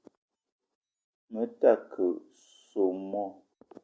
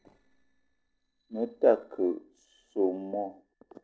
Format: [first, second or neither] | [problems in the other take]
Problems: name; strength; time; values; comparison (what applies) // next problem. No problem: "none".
first | noise reduction (neural separator model SepFormer DNS4)